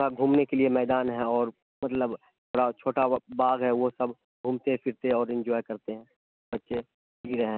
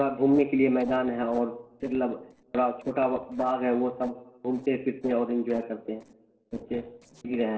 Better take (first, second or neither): first